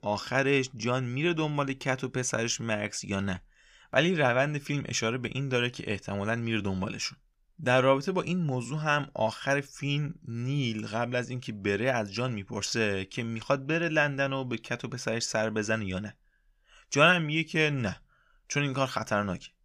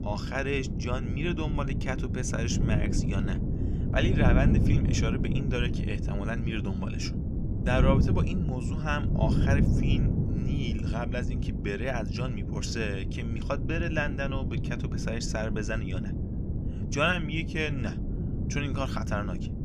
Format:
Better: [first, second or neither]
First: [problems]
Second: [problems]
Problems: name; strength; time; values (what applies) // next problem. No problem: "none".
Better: first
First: none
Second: wind noise on the microphone; heavy; 6 dB below the speech